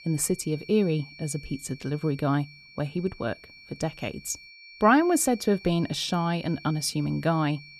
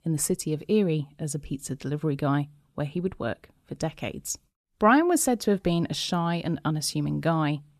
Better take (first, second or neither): second